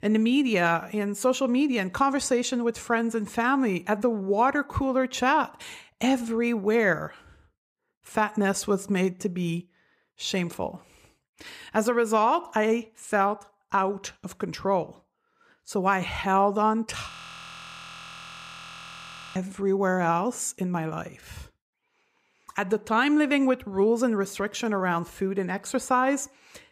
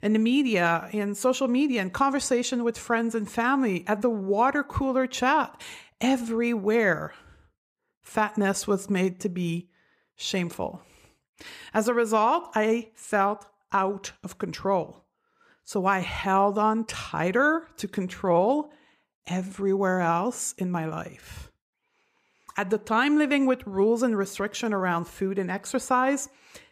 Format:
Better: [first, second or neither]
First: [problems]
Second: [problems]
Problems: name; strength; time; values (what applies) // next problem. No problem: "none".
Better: second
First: audio freezing; at 17 s for 2.5 s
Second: none